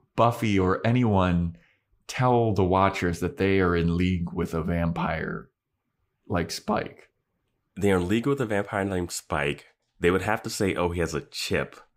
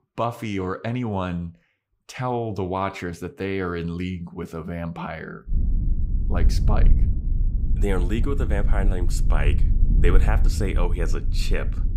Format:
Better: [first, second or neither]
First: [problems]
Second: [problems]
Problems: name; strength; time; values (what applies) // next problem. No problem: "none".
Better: first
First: none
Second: low rumble; noticeable; from 5.5 s on; 10 dB below the speech